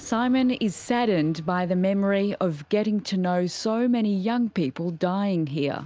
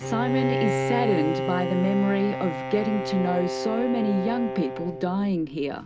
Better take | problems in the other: first | background sound (Bowed string instrument); 3 dB below the speech // room echo; dies away in 0.3 s

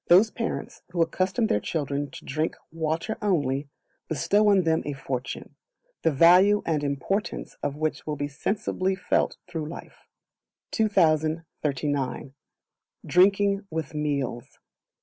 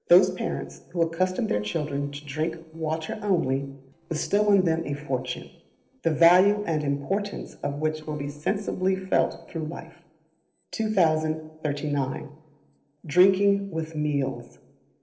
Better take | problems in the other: first | noise reduction (neural separator model SepFormer DNS4)

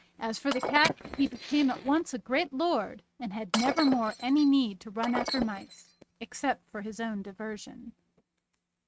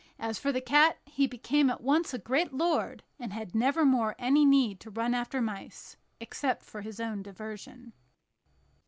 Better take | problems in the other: second | noise reduction (neural mask model RNNoise)

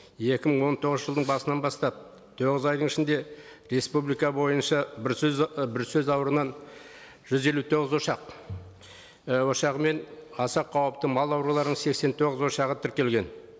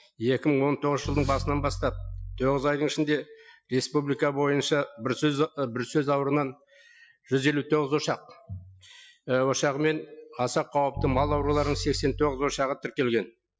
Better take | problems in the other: first | noise reduction (classical method Wiener filter)

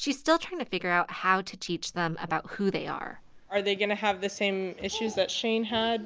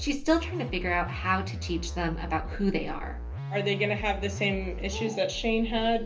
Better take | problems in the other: first | background sound (Musical instrument); 6 dB below the speech // room echo; dies away in 0.3 s

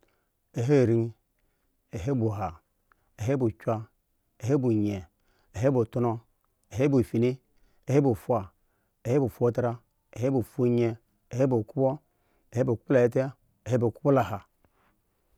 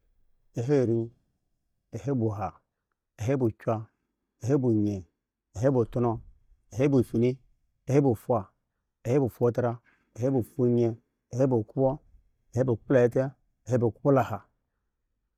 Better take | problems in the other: first | noise reduction (neural mask model DeepFilterNet 3)

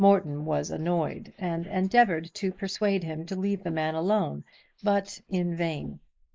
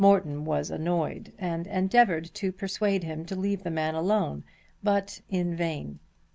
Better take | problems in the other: second | noise reduction (neural mask model Resemble Enhance denoiser)

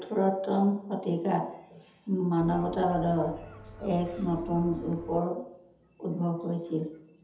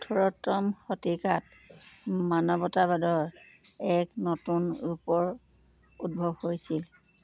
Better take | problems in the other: second | background sound (Gull, seagull); 16 dB below the speech // room echo; dies away in 0.8 s

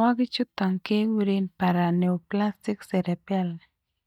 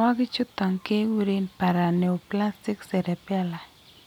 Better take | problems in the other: second | noise reduction (neural mask model DeepFilterNet 3)

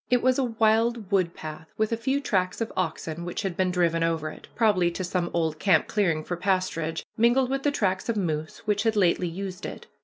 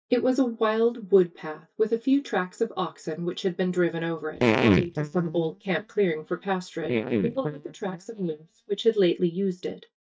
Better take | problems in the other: first | noise reduction (neural mask model DeepFilterNet 3)

